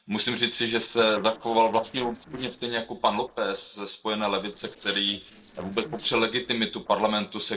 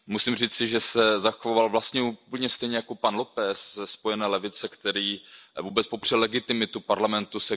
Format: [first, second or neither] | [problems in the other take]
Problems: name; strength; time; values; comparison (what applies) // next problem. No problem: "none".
second | noise reduction (neural separator model SepFormer DNS4)